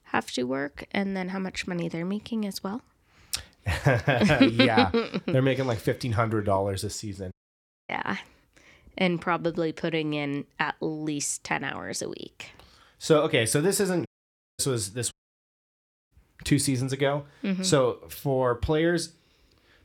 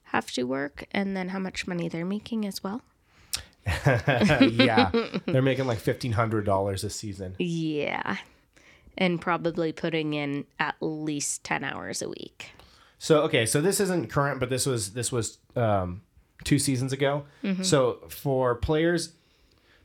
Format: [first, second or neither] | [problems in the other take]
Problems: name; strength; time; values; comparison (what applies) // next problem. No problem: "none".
second | audio cutting out; at 7.5 s for 0.5 s, at 14 s for 0.5 s and at 15 s for 1 s